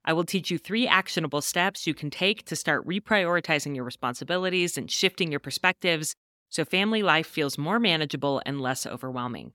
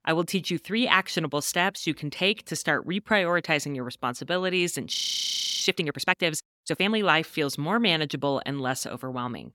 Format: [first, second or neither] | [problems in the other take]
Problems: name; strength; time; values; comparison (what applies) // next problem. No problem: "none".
first | audio freezing; at 5 s for 0.5 s